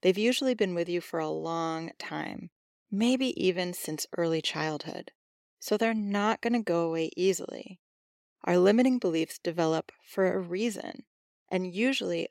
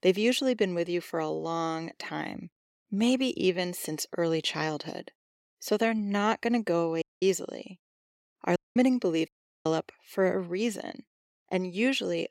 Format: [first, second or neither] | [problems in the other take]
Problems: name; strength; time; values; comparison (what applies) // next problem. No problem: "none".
first | audio cutting out; at 7 s, at 8.5 s and at 9.5 s